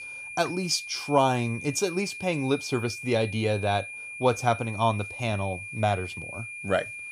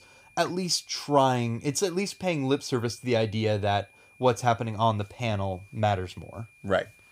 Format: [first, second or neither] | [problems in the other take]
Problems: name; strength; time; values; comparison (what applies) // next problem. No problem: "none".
second | high-pitched whine; loud; throughout; 2.5 kHz, 9 dB below the speech; faint in the second